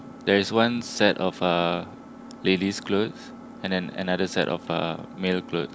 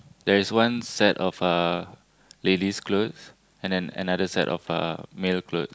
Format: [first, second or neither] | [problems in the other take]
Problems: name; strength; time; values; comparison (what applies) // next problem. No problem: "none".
second | background sound (Engine); 16 dB below the speech